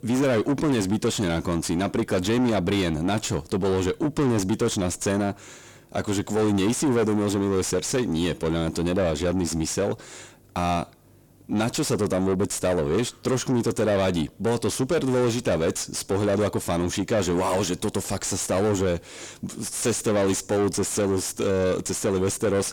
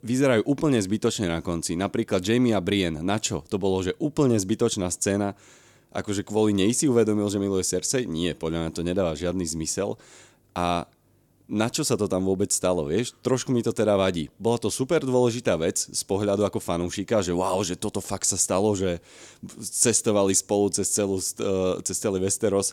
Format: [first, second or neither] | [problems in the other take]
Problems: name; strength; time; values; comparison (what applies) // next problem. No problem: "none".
second | distortion; heavy; 7 dB below the speech